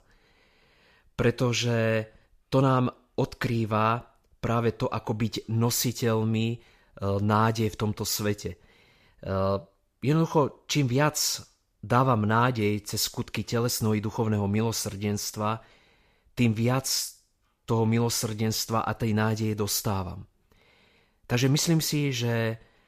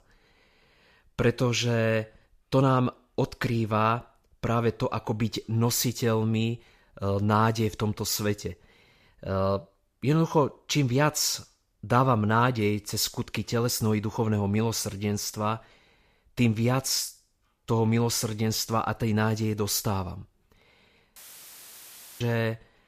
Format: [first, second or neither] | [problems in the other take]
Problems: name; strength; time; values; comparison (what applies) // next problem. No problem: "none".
first | audio cutting out; filled with static; at 21 s for 1 s